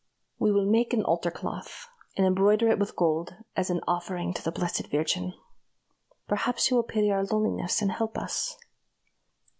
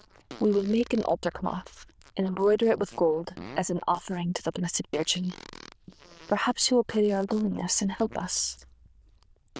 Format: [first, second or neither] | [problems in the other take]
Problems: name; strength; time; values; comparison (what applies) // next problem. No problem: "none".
first | noise reduction (neural diffusion model UNIVERSE++)